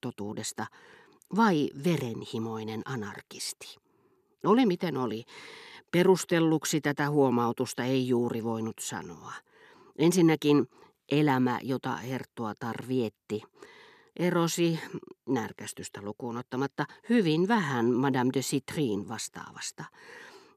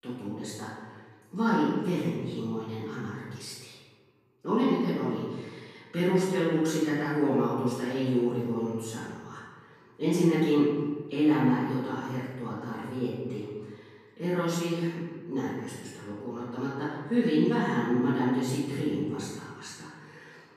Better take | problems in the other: first | off-mic speech; far // room echo; strong; dies away in 1.3 s

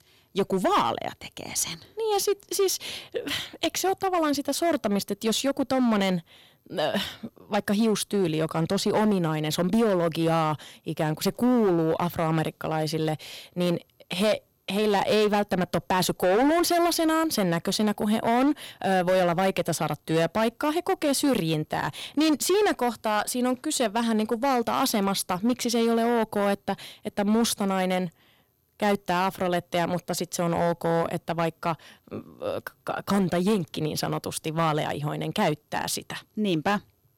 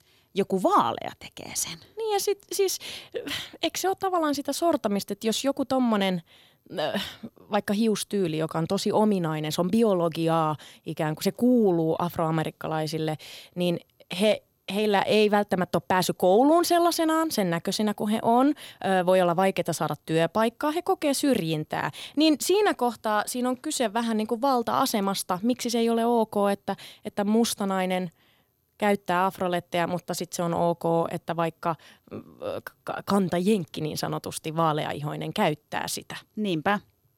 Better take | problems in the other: second | distortion; slight; 8% of the sound clipped

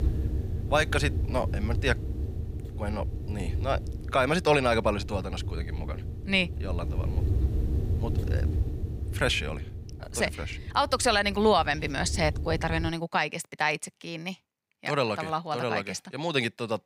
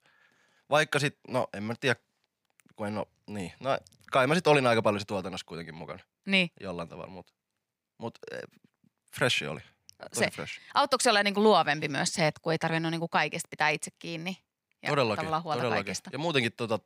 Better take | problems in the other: second | wind noise on the microphone; occasional gusts; until 13 s; 20 dB below the speech

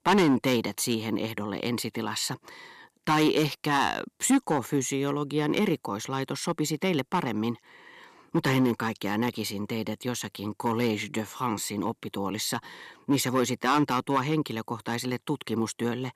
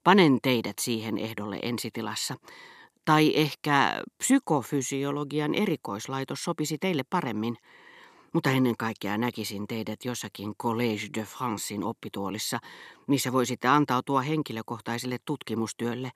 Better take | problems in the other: second | distortion; slight; 3% of the sound clipped

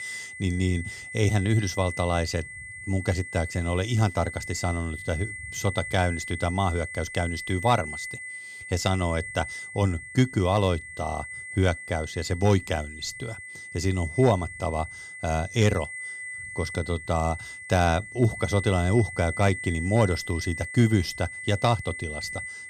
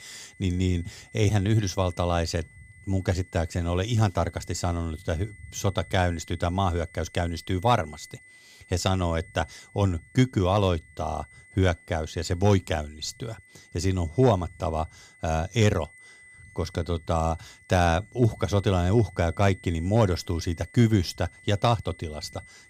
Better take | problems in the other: second | high-pitched whine; loud; throughout; 2 kHz, 9 dB below the speech; faint in the second

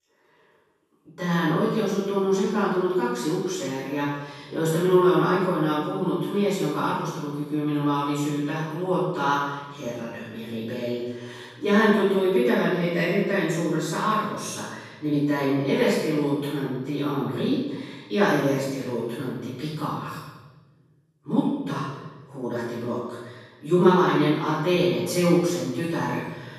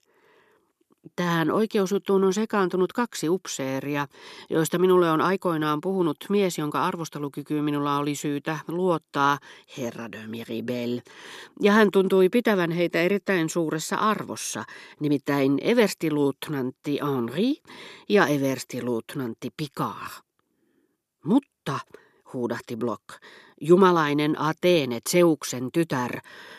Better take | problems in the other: second | off-mic speech; far // room echo; strong; dies away in 1.1 s

